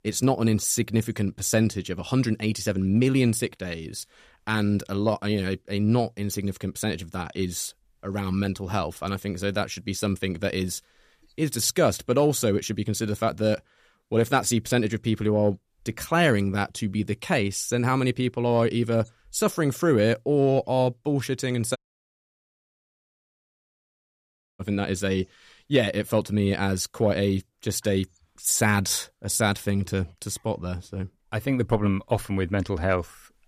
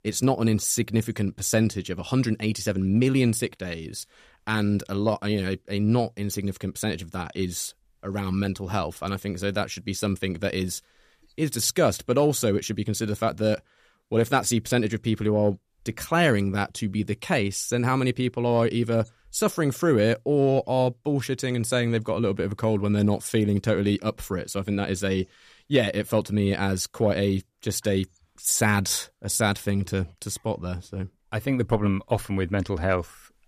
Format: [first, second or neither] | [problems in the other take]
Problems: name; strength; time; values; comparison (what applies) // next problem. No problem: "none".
second | audio cutting out; at 22 s for 3 s